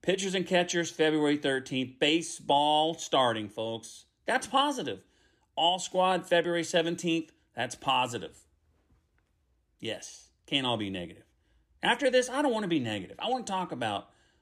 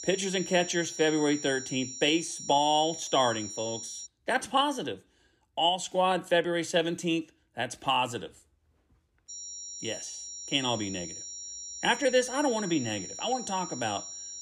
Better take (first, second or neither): first